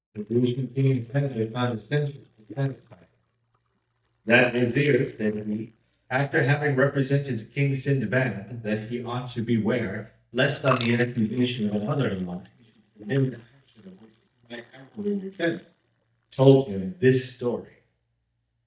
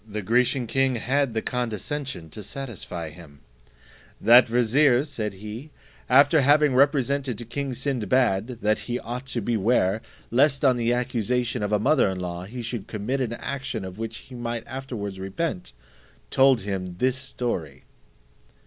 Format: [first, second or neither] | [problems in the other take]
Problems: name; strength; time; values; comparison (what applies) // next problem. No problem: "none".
second | noise reduction (neural mask model DeepFilterNet 3)